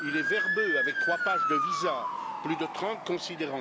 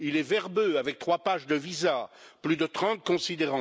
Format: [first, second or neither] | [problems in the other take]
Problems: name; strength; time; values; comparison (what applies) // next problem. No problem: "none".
second | background sound (Motor vehicle (road) / Siren); 2 dB above the speech